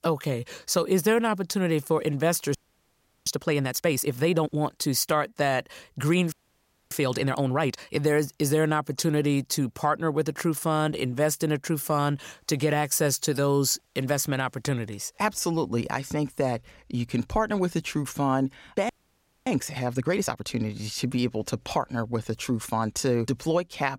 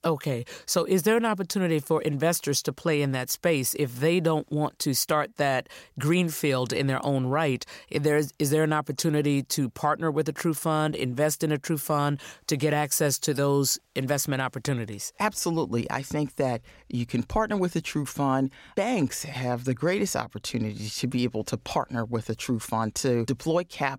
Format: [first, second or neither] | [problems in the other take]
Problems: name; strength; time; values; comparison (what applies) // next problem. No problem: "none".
second | audio freezing; at 2.5 s for 0.5 s, at 6.5 s for 0.5 s and at 19 s for 0.5 s